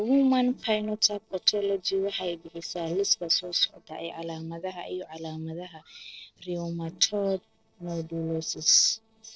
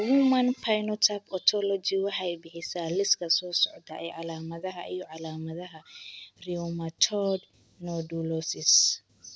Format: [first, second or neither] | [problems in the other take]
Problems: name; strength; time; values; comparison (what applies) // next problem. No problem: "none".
second | noise reduction (neural separator model SepFormer DNS4)